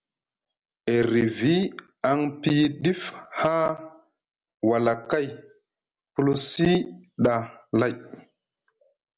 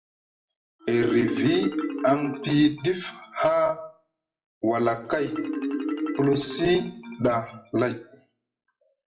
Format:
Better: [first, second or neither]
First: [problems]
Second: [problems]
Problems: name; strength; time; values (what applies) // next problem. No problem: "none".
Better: first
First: none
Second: noise reduction (classical method WPE with log-MMSE)